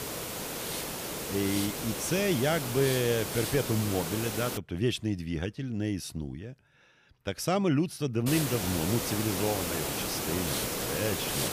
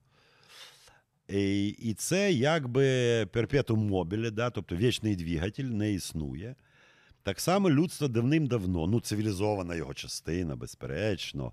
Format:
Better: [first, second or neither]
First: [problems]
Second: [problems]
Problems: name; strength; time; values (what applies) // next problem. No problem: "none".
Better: second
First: hiss; loud; until 4.5 s and from 8.5 s on; 2 dB below the speech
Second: none